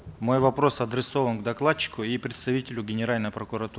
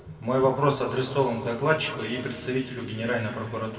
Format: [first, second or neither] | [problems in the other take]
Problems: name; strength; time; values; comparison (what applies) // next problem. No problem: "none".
first | room echo; dies away in 2.6 s